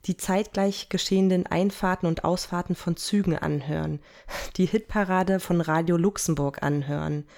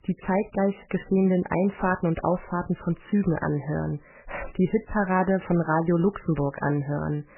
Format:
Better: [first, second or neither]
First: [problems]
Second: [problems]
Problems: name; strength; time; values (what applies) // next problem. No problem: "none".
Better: first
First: none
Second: garbled, watery; badly; nothing above 3 kHz